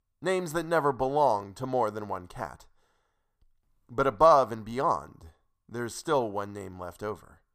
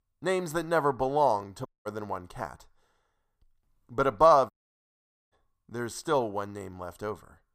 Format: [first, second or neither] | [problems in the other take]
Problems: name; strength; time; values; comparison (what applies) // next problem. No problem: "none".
first | audio cutting out; at 1.5 s and at 4.5 s for 1 s